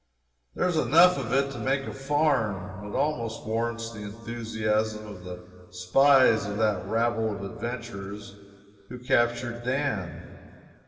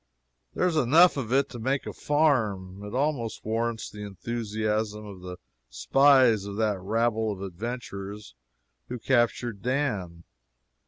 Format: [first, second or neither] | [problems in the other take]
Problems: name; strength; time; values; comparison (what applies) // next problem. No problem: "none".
second | room echo; dies away in 2.4 s